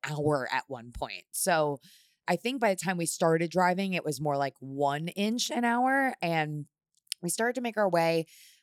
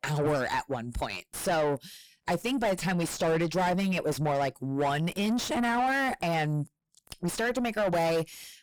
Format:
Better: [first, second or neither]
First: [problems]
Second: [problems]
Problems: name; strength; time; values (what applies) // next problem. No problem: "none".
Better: first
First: none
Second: distortion; heavy; 5 dB below the speech